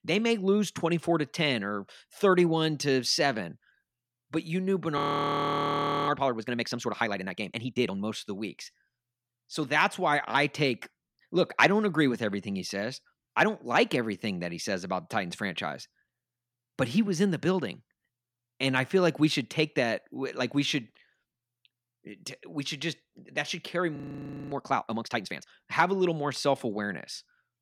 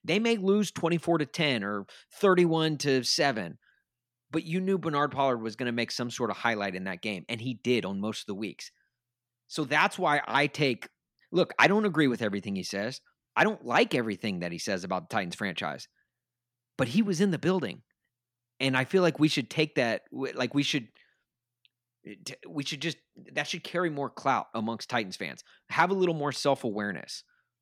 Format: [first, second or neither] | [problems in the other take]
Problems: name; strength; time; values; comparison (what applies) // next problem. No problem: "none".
second | audio freezing; at 5 s for 1 s and at 24 s for 0.5 s